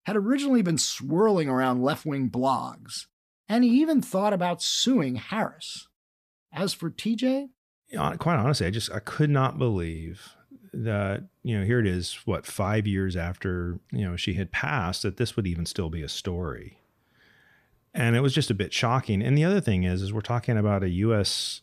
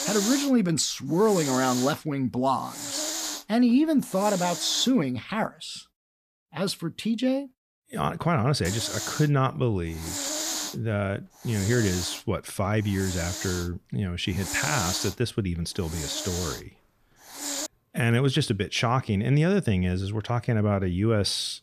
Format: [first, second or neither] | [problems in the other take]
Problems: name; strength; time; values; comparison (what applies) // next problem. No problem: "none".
first | hiss; loud; until 5.5 s and from 8.5 to 18 s; 6 dB below the speech